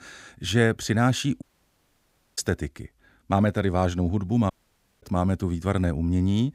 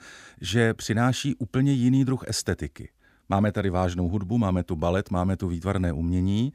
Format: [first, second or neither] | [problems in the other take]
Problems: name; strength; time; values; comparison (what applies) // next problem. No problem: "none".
second | audio cutting out; at 1.5 s for 1 s and at 4.5 s for 0.5 s